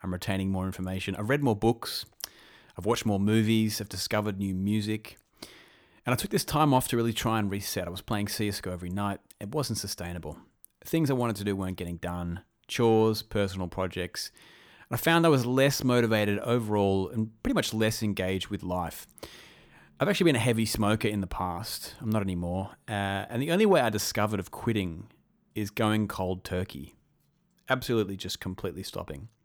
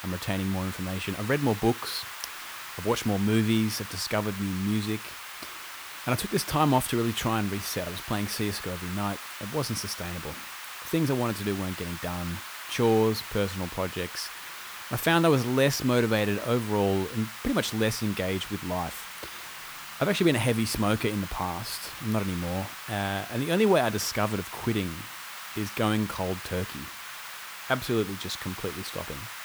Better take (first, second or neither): first